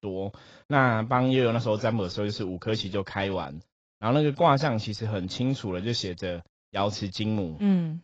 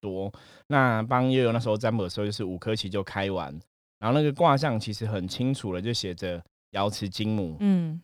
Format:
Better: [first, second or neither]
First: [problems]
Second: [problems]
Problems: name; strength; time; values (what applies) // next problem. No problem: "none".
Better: second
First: garbled, watery; badly; nothing above 7.5 kHz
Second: none